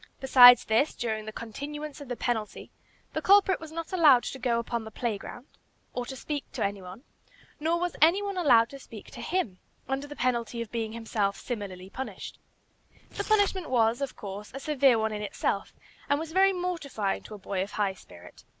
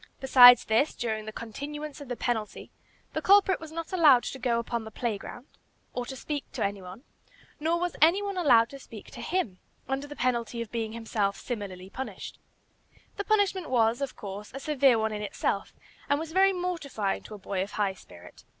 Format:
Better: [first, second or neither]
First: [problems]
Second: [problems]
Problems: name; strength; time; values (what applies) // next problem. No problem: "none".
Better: second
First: background sound (Tearing); 12 dB below the speech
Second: none